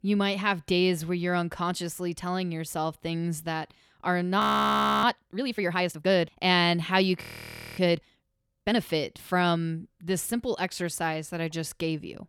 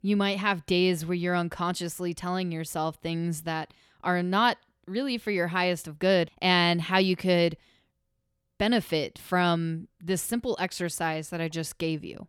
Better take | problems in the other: second | audio freezing; at 4.5 s for 0.5 s and at 7 s for 0.5 s

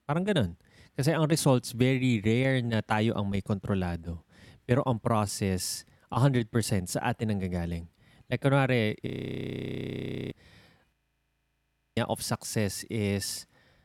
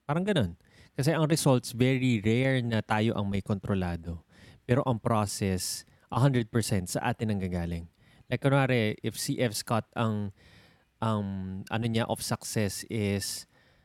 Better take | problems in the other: second | audio freezing; at 9 s for 1 s and at 11 s for 1 s

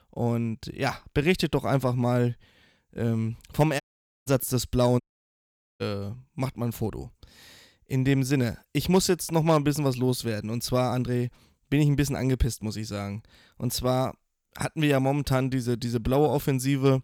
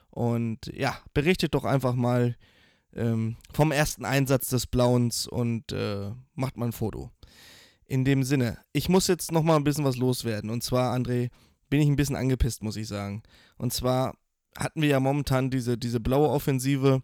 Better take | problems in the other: second | audio cutting out; at 4 s and at 5 s for 1 s

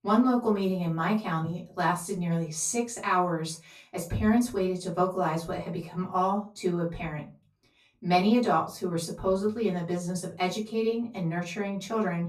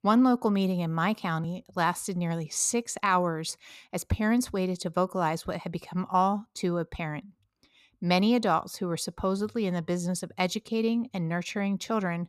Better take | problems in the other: second | off-mic speech; far // room echo; slight; dies away in 0.3 s

